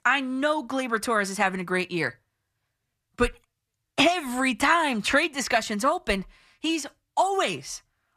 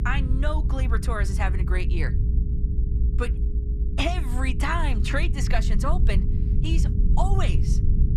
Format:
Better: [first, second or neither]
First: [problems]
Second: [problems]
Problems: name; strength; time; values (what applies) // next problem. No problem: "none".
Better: first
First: none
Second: low rumble; loud; throughout; 10 dB below the speech